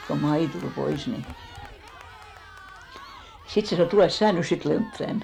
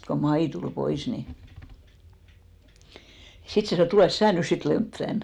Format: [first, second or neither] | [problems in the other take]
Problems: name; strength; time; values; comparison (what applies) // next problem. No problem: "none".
second | background sound (Cheering); 18 dB below the speech